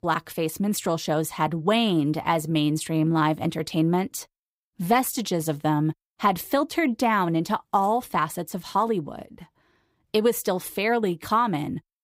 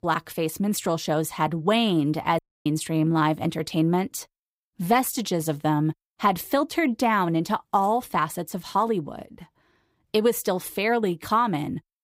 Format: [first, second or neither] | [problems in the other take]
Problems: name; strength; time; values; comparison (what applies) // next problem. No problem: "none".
first | audio cutting out; at 2.5 s